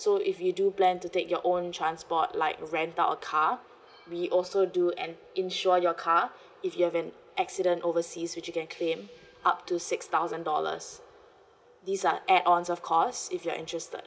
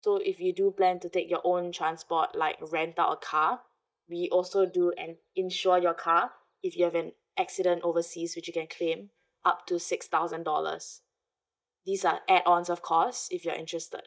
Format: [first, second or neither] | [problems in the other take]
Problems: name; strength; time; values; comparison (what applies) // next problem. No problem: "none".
first | noise reduction (neural mask model DeepFilterNet 3)